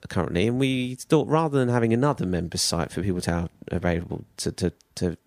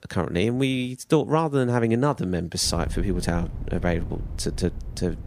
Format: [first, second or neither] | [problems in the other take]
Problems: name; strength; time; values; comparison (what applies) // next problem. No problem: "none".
first | low rumble; faint; from 2.5 s on; 20 dB below the speech